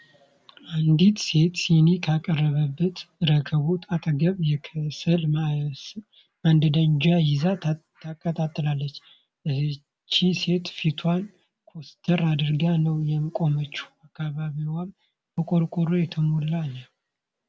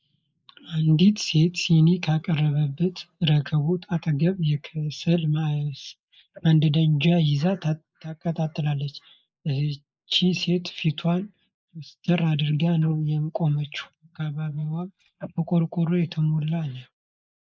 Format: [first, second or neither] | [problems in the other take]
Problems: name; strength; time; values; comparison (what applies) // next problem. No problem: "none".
first | noise reduction (neural mask model Resemble Enhance denoiser)